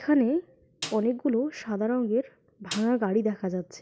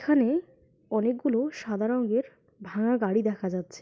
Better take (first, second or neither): second